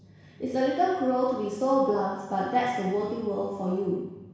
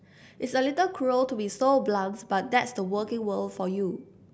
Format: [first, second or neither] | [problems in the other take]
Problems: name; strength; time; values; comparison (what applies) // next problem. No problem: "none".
second | room echo; dies away in 1.1 s